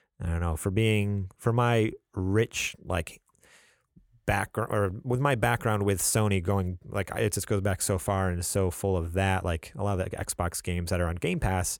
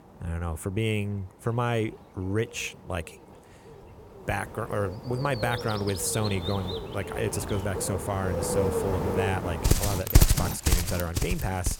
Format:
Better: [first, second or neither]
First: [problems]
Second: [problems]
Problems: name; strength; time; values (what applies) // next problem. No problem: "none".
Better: first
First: none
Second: animal sounds; very loud; throughout; 1 dB above the speech